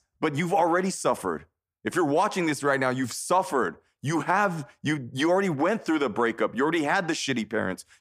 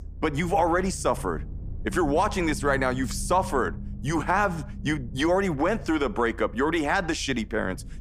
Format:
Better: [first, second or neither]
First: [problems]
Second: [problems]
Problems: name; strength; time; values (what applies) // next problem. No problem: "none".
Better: first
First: none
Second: low rumble; faint; throughout; 25 dB below the speech